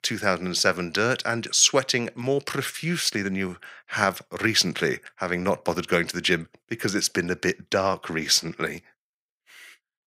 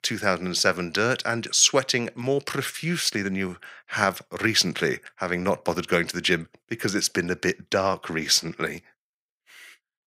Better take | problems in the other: neither | thin; somewhat; fading below 300 Hz; the same in both

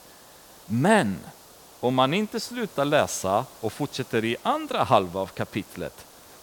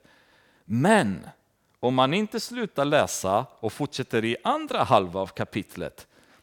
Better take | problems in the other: second | hiss; faint; throughout; 20 dB below the speech

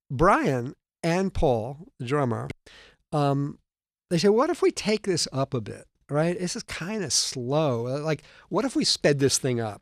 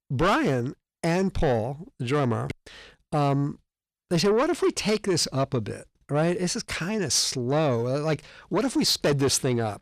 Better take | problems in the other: first | distortion; slight; 10 dB below the speech

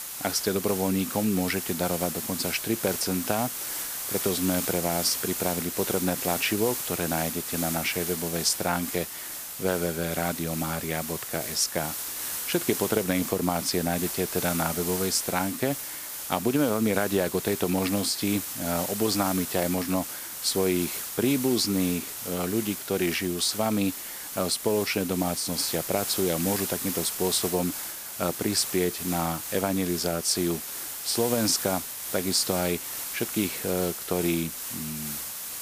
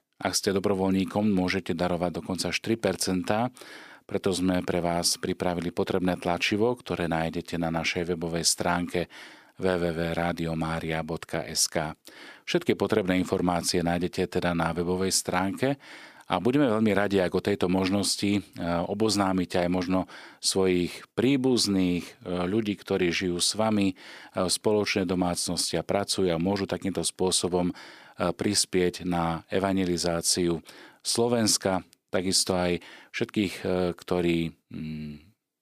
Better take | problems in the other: second | hiss; loud; throughout; 4 dB below the speech

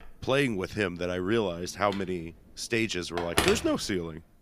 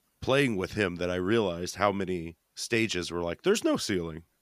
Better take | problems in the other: second | phone ringing; loud; from 2 to 3.5 s; peak 2 dB above the speech

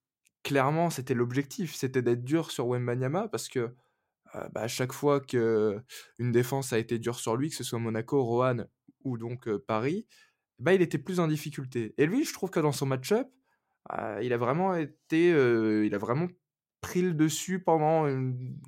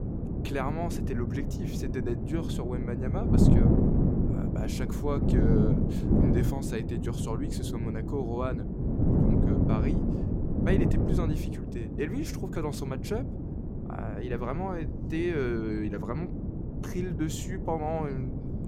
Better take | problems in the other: first | wind noise on the microphone; heavy; as loud as the speech

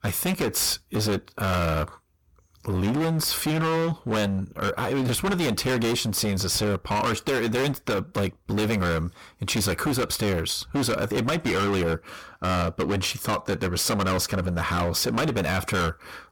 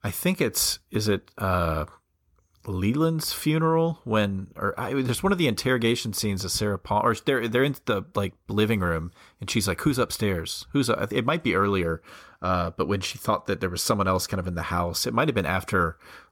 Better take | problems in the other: second | distortion; heavy; 27% of the sound clipped

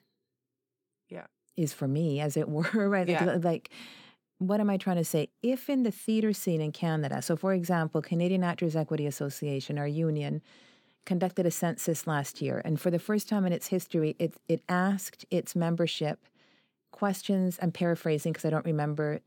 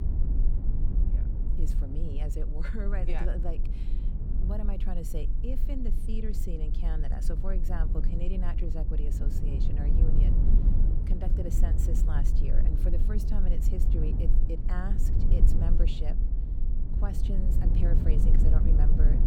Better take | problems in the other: first | low rumble; loud; throughout; 2 dB below the speech

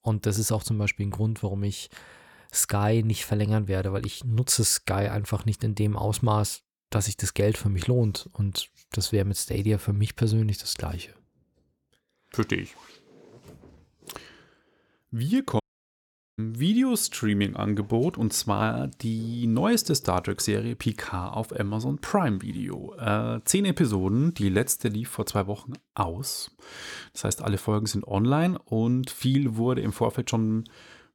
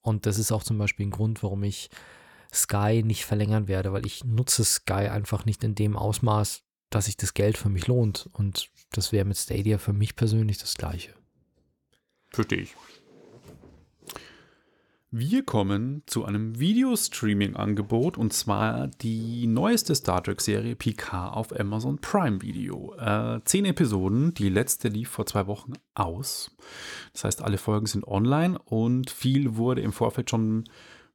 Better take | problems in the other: second | audio cutting out; at 16 s for 1 s

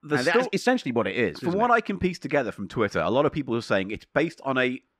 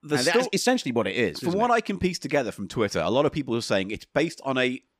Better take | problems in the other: second | muffled; slightly; fading above 4 kHz

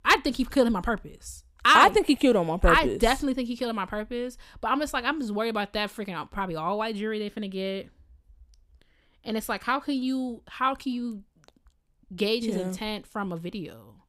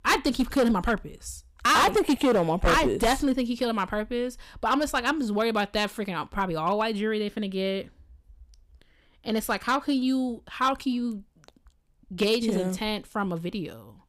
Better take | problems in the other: first | distortion; heavy; 5% of the sound clipped

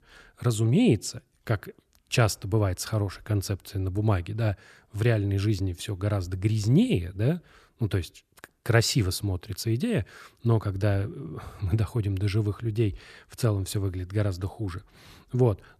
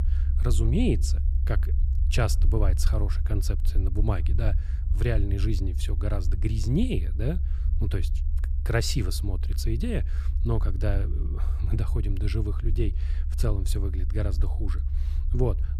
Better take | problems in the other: first | low rumble; noticeable; throughout; 15 dB below the speech

